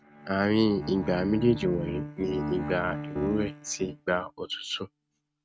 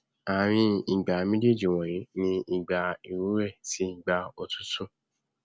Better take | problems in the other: second | noise reduction (neural mask model RNNoise)

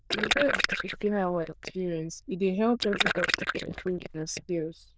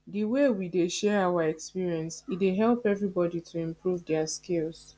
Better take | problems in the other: second | noise reduction (neural diffusion model UNIVERSE++)

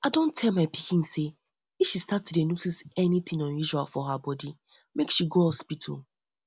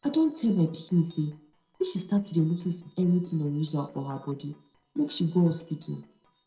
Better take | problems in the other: first | noise reduction (neural separator model SepFormer DNS4)

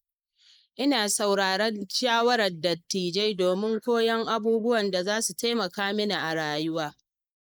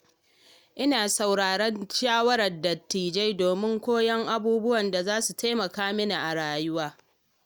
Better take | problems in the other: second | noise reduction (neural mask model Resemble Enhance denoiser)

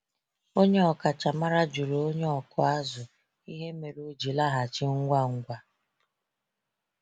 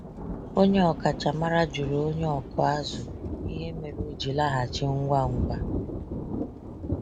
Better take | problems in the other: first | background sound (Thunder); 6 dB below the speech

